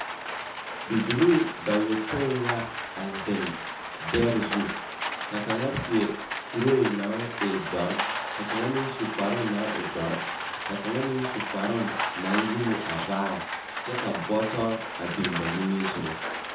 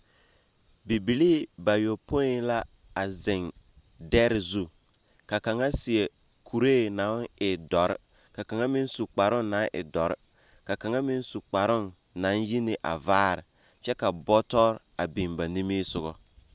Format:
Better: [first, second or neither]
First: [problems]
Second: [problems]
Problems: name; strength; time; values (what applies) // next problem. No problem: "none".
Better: second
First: background sound (Rain); 4 dB below the speech // room echo; dies away in 0.5 s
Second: none